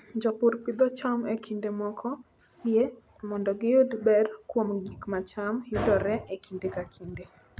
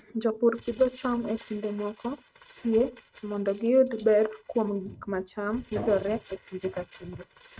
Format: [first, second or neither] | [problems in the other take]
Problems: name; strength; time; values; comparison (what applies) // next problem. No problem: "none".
first | noise reduction (neural mask model RNNoise)